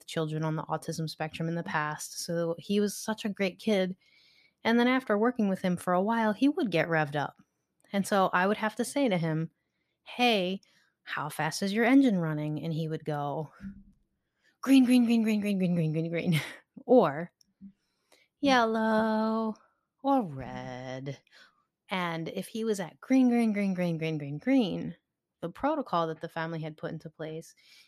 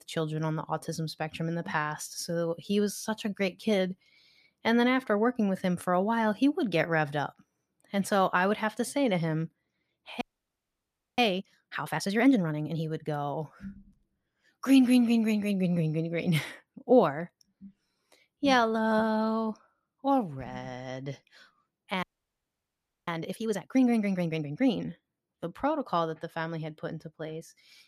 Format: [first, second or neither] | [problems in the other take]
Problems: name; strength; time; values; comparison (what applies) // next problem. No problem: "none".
first | audio freezing; at 10 s for 1 s and at 22 s for 1 s